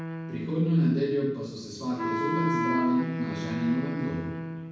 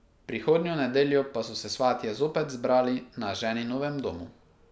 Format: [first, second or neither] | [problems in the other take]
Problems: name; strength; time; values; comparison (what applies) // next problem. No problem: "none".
second | background sound (Wind instrument, woodwind instrument); 4 dB below the speech // room echo; dies away in 1.1 s